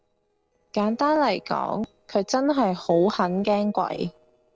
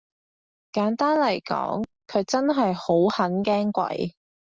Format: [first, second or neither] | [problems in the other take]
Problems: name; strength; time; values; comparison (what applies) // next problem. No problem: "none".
second | noise reduction (neural separator model SepFormer DNS4)